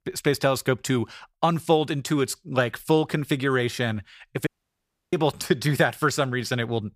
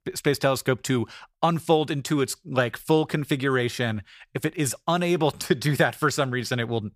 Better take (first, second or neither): second